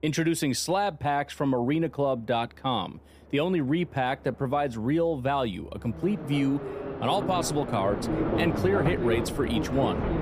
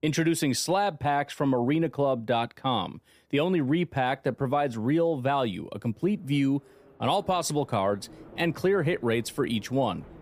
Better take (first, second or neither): second